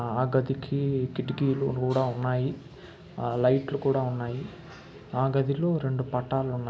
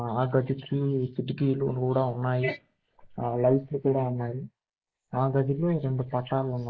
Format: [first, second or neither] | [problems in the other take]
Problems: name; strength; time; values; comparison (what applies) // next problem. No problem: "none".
first | noise reduction (neural mask model Resemble Enhance denoiser)